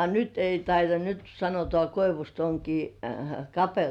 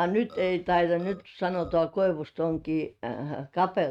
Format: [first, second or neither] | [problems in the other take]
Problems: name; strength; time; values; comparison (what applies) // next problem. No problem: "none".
first | noise reduction (neural mask model RNNoise)